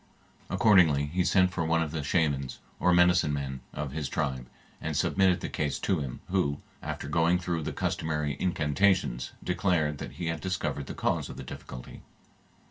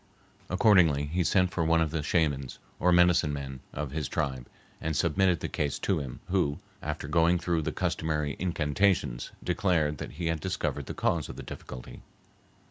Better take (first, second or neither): second